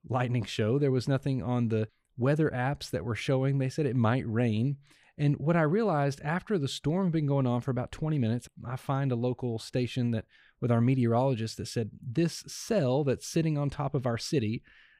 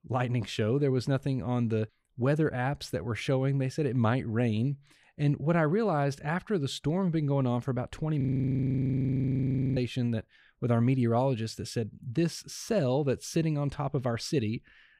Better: first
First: none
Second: audio freezing; at 8 s for 1.5 s

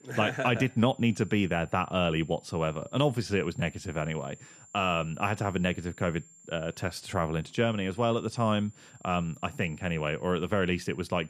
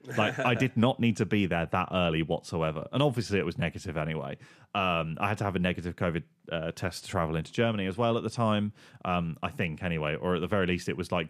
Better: second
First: high-pitched whine; faint; throughout; 7 kHz, 25 dB below the speech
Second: none

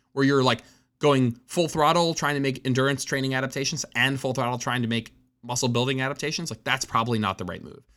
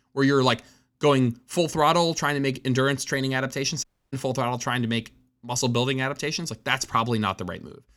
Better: first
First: none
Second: audio cutting out; at 4 s

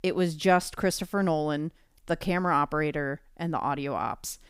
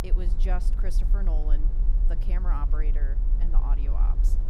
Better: first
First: none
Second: low rumble; loud; throughout; 7 dB below the speech

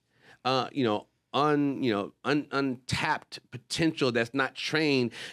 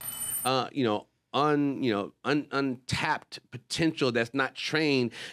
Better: first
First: none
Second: jangling keys; noticeable; at the start; peak 2 dB below the speech

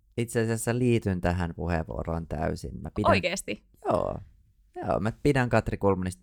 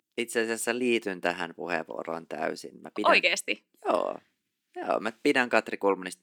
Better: first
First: none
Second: thin; somewhat; fading below 250 Hz

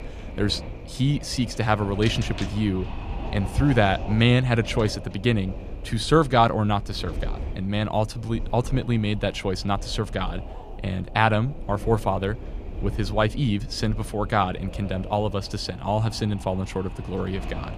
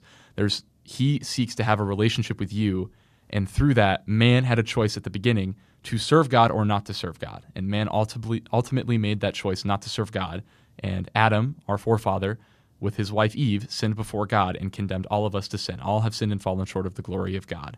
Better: second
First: wind noise on the microphone; occasional gusts; 15 dB below the speech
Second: none

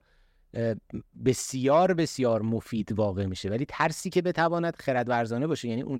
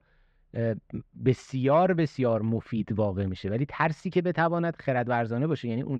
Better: first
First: none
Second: muffled; slightly; fading above 2.5 kHz

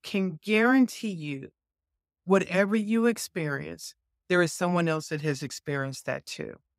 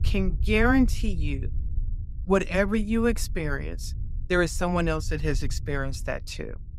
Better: first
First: none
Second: low rumble; faint; throughout; 25 dB below the speech

